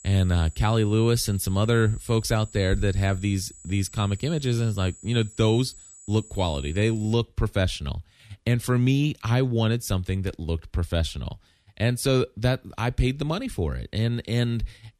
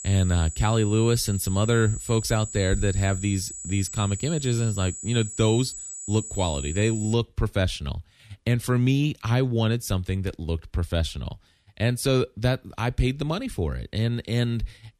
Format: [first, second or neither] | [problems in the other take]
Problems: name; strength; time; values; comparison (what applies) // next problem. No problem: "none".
first | high-pitched whine; loud; until 7 s; 7.5 kHz, 9 dB below the speech; faint in the first